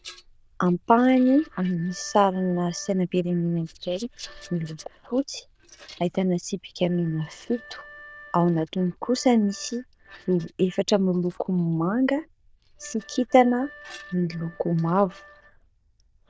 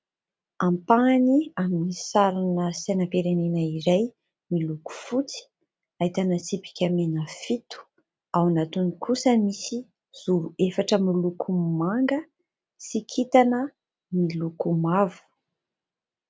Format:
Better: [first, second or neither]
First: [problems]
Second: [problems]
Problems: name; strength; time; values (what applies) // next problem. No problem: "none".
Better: second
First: noise reduction (neural diffusion model UNIVERSE++)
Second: none